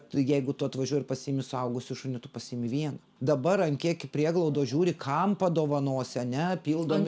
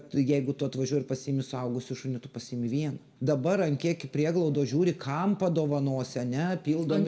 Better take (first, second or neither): first